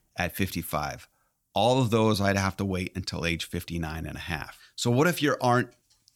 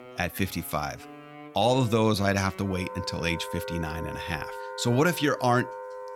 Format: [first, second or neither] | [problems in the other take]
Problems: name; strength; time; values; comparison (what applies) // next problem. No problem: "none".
first | background music; noticeable; throughout; 15 dB below the speech